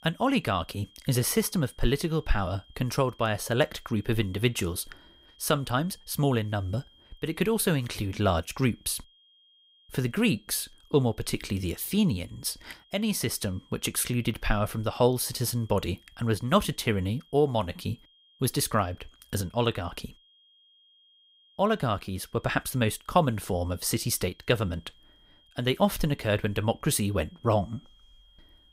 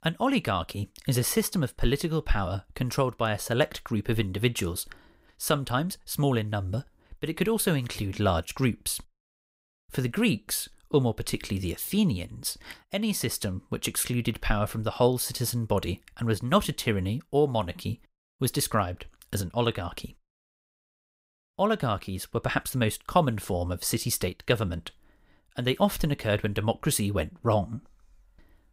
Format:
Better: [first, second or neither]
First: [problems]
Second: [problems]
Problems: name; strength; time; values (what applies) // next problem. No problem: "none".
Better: second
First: high-pitched whine; faint; throughout; 3 kHz, 30 dB below the speech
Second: none